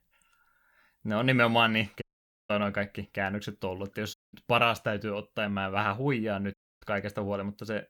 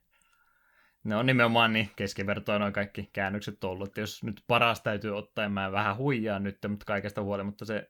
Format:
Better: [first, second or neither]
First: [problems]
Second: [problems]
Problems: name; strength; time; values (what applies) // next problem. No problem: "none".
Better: second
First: audio cutting out; at 2 s, at 4 s and at 6.5 s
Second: none